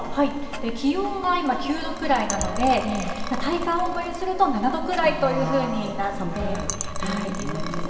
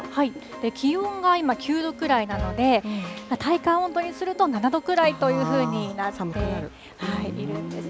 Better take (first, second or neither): second